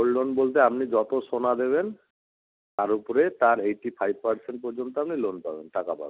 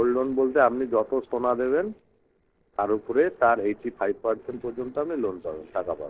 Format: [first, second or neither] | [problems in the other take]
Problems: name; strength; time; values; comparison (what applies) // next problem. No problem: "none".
first | noise reduction (neural separator model SepFormer DNS4)